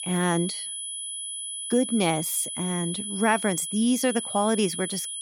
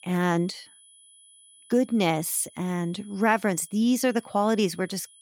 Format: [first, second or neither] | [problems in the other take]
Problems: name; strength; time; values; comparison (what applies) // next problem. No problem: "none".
second | high-pitched whine; loud; throughout; 10 kHz, 5 dB below the speech; faint in the second